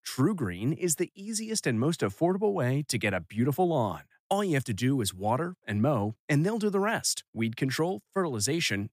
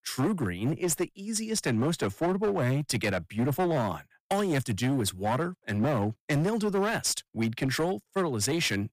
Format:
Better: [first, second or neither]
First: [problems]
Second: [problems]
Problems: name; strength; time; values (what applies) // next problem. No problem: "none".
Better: first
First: none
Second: distortion; slight; 13% of the sound clipped